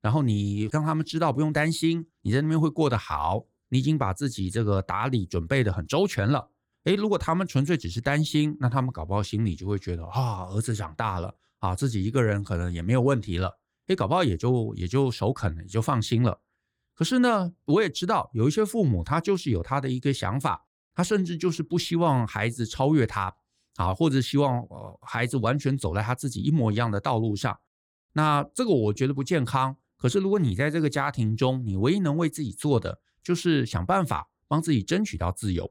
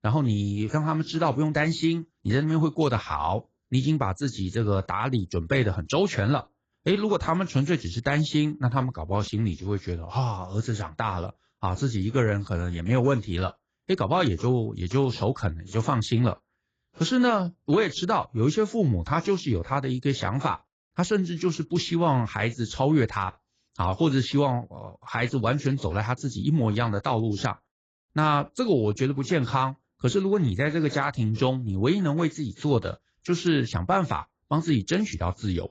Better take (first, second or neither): first